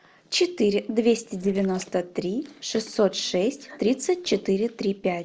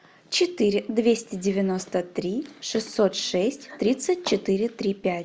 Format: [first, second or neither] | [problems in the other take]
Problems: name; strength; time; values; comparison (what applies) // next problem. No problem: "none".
second | noise reduction (neural separator model SepFormer DNS4)